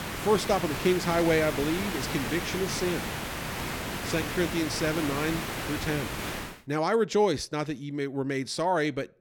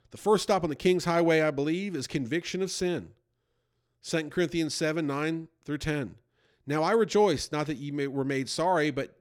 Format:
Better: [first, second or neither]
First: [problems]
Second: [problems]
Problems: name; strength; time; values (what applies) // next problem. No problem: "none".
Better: second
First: hiss; loud; until 6.5 s; 4 dB below the speech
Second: none